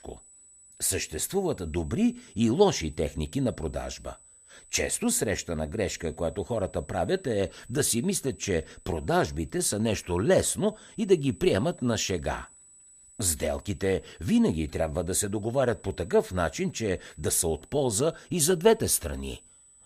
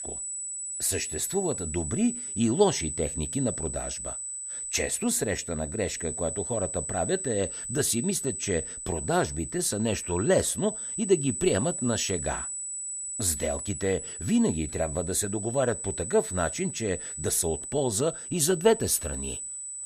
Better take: first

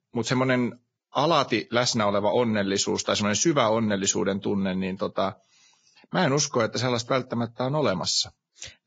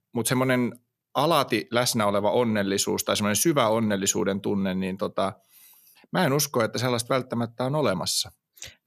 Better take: second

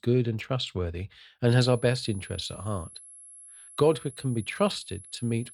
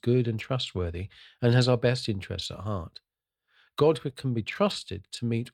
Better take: second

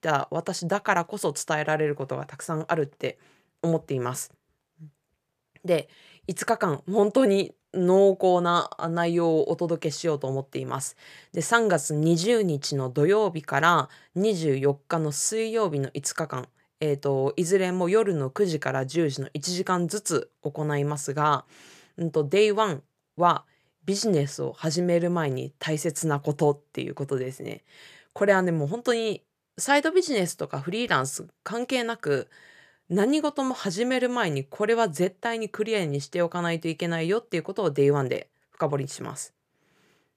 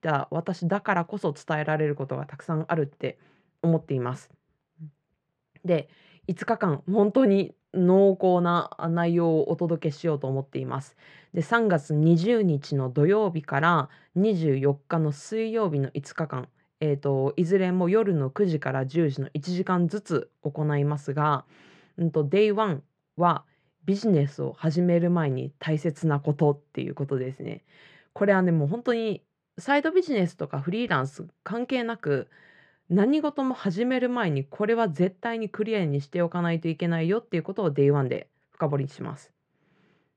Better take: first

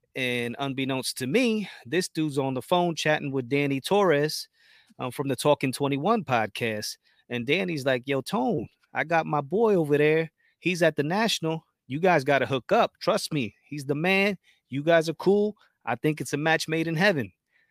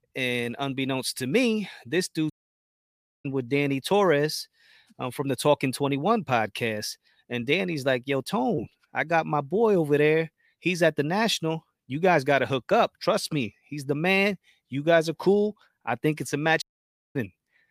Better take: first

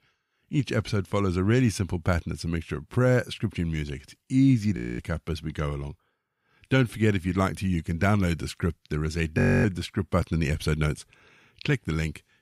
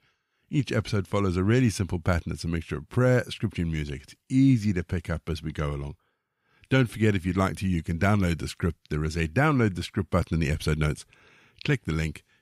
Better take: second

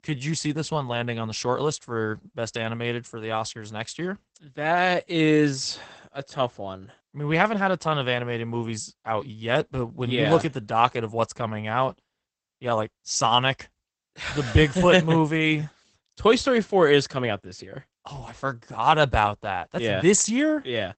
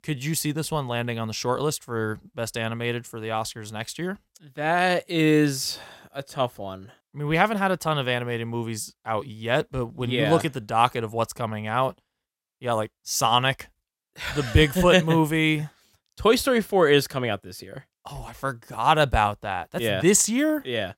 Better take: second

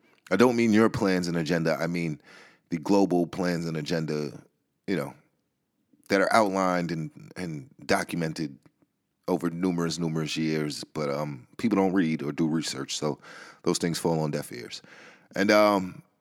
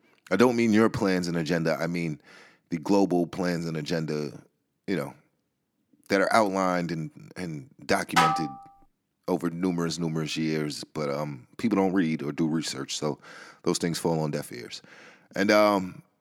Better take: first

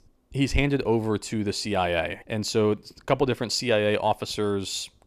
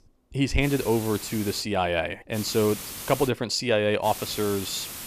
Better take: first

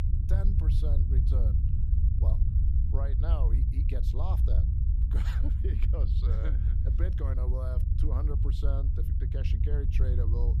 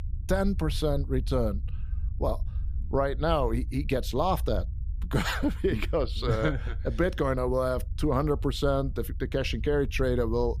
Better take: second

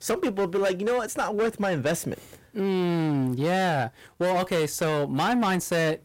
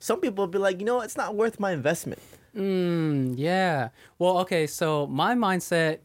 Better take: second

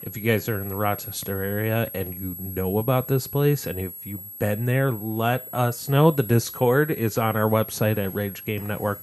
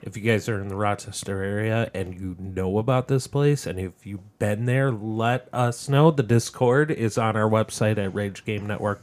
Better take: second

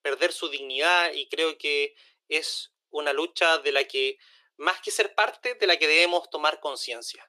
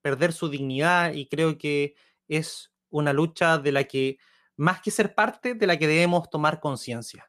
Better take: second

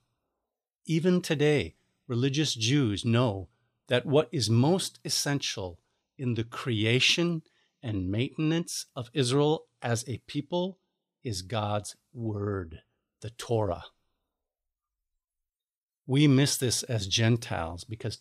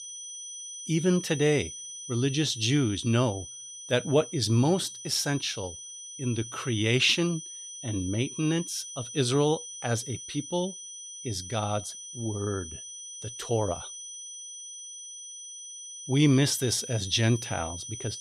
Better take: first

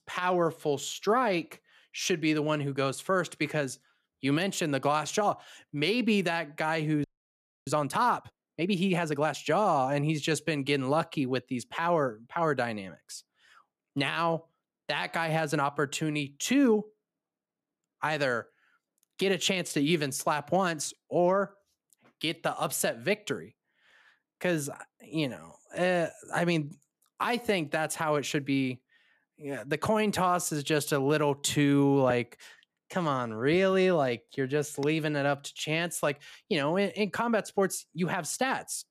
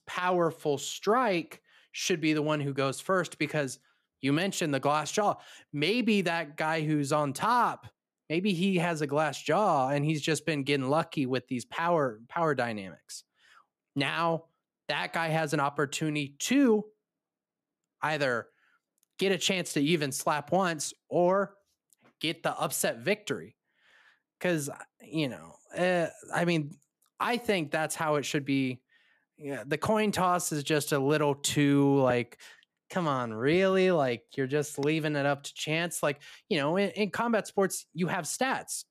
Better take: second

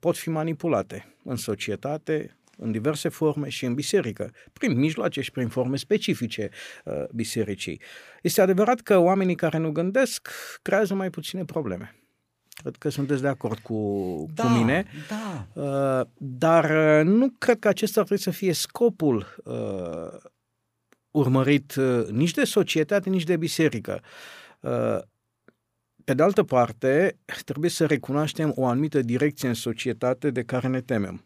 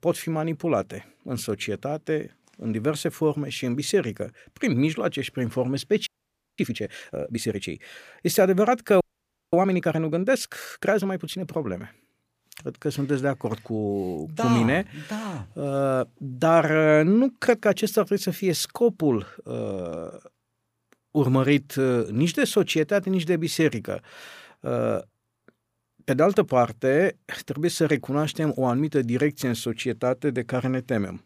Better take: first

